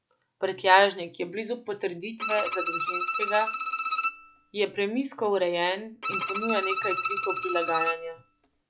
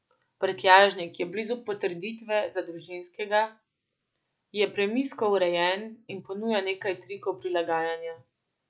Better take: second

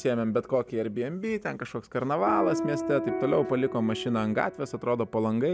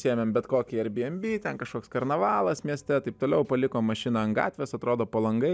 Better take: second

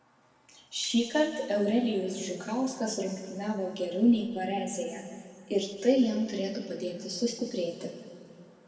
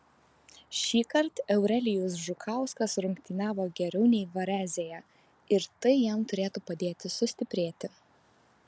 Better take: second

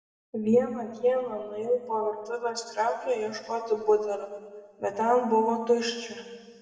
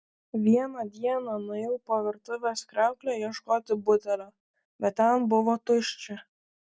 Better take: second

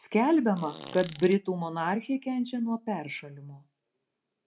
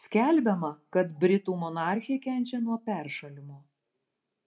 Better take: second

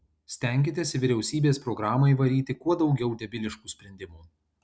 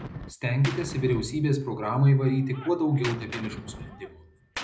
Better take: first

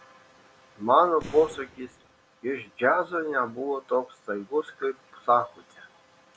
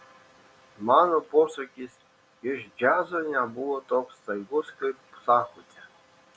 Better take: second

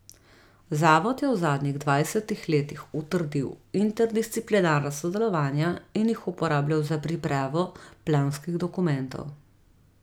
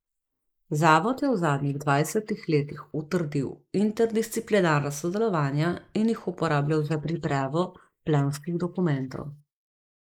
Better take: first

